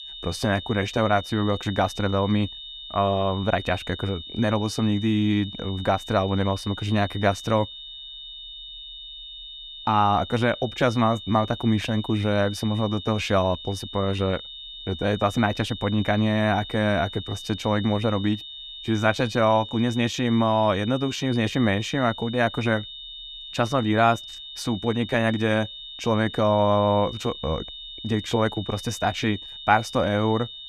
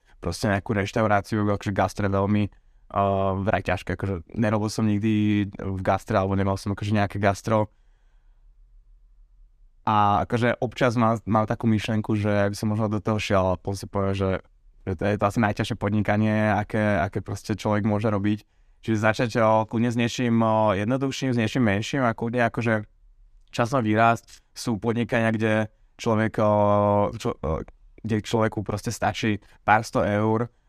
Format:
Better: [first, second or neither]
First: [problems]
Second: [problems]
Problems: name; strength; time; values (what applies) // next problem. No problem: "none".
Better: second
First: high-pitched whine; noticeable; throughout; 3.5 kHz, 10 dB below the speech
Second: none